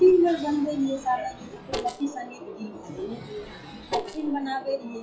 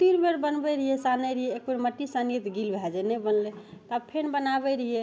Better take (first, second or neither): second